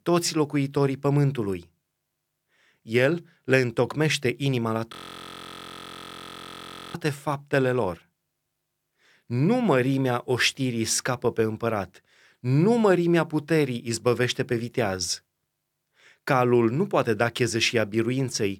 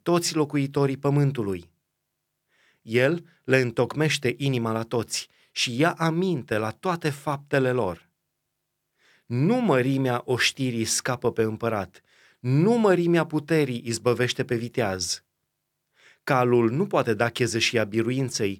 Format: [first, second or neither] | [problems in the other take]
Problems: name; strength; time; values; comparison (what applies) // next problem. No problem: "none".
second | audio freezing; at 5 s for 2 s